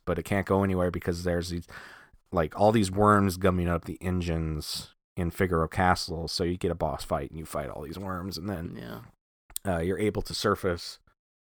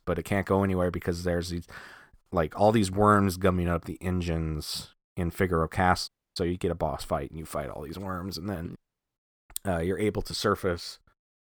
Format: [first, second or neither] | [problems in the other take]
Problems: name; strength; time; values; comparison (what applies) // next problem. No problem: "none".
first | audio cutting out; at 6 s and at 9 s